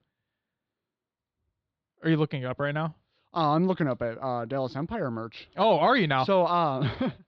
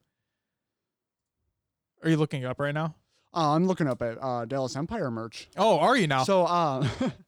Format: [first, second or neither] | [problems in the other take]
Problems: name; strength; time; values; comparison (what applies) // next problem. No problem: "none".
second | muffled; very slightly; fading above 4 kHz